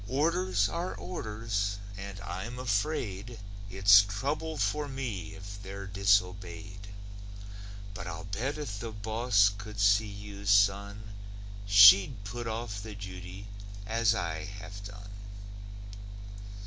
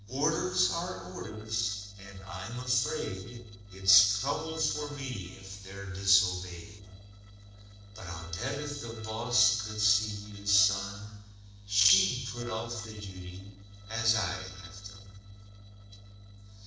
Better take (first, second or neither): first